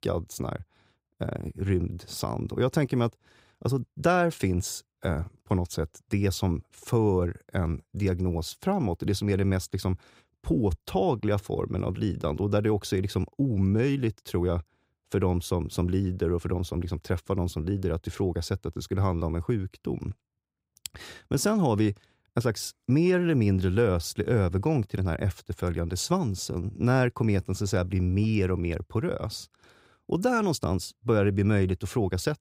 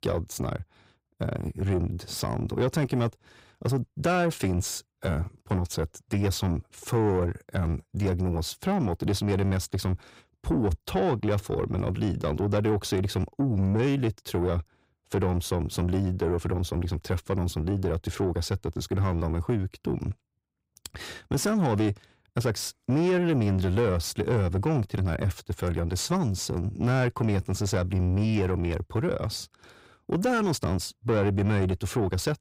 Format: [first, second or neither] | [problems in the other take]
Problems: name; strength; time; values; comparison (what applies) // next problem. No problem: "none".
first | distortion; slight; 10 dB below the speech